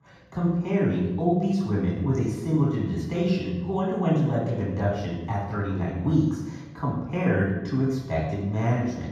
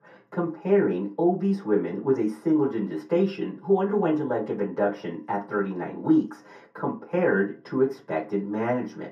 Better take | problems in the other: second | room echo; strong; dies away in 1.3 s; slight in the second // off-mic speech; far; far in the second

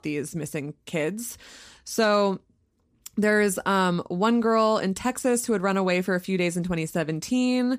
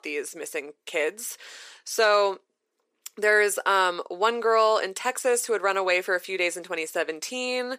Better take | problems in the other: first | thin; very; fading below 400 Hz

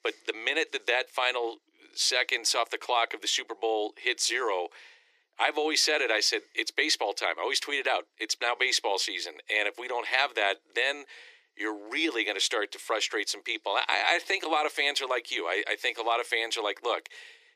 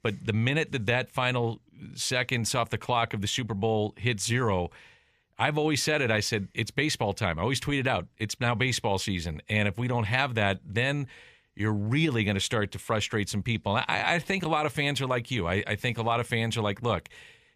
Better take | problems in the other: second | thin; very; fading below 300 Hz

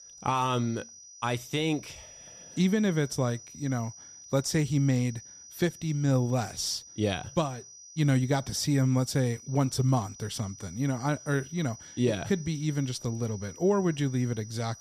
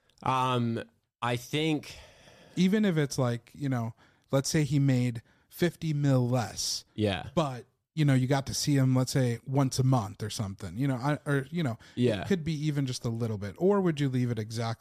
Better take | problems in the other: second | high-pitched whine; noticeable; throughout; 6 kHz, 15 dB below the speech

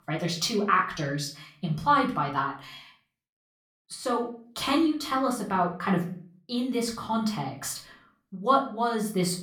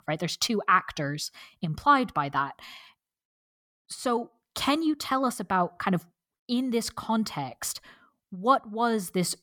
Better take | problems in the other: second | room echo; slight; dies away in 0.4 s // off-mic speech; far

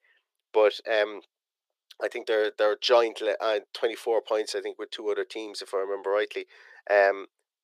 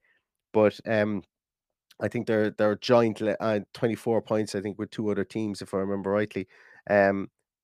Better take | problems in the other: second | thin; very; fading below 400 Hz

